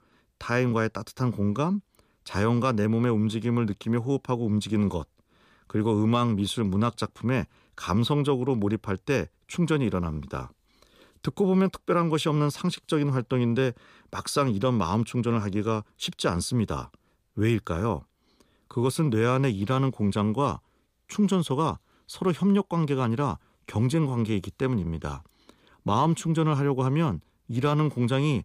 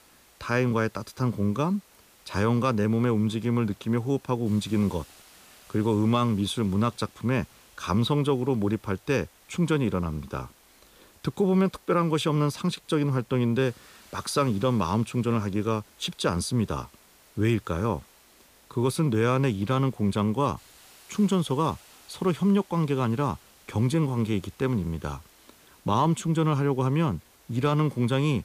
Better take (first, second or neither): first